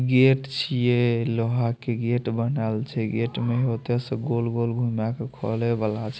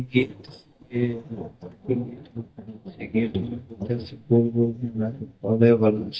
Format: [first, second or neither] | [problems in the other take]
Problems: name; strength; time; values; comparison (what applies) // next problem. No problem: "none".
first | noise reduction (neural mask model DeepFilterNet 3)